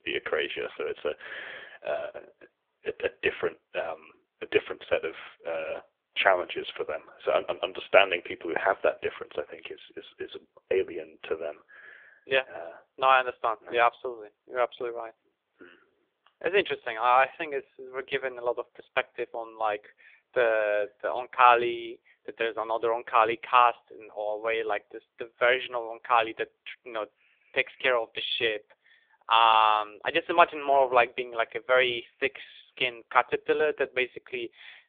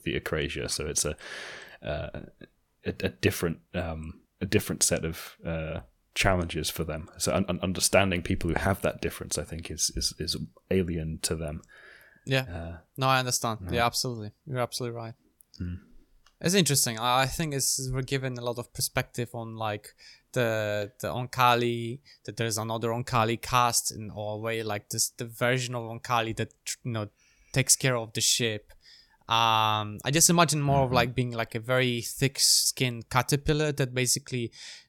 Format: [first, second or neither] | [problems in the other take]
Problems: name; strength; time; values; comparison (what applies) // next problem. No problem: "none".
second | phone-call audio; poor line; nothing above 3.5 kHz